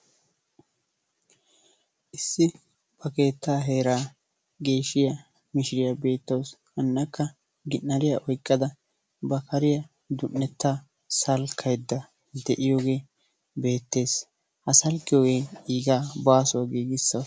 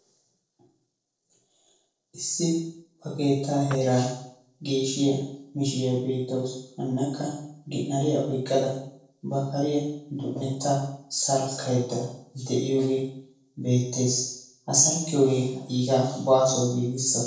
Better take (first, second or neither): first